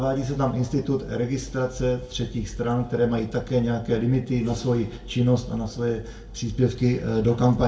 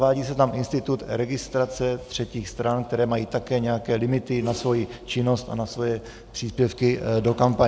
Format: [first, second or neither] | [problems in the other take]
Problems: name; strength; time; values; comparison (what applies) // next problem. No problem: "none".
second | room echo; dies away in 0.3 s